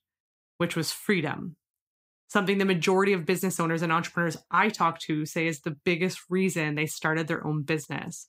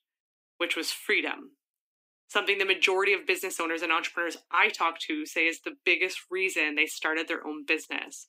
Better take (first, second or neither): first